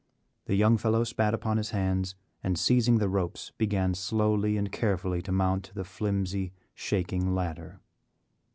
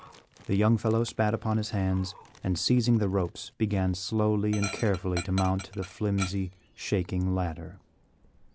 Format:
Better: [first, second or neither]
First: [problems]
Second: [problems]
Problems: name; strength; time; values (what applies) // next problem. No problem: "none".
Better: first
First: none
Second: background sound (Dog); 18 dB below the speech